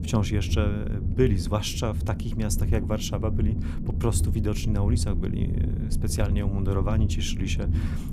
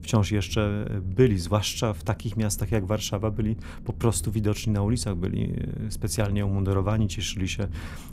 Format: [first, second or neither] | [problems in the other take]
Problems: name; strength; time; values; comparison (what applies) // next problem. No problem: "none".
second | low rumble; loud; throughout; 9 dB below the speech; faint in the second